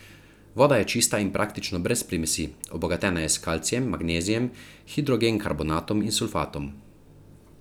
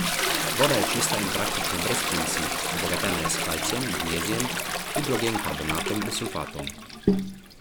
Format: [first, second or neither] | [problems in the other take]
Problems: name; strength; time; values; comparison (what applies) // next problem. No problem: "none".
first | background sound (Toilet flush); 3 dB above the speech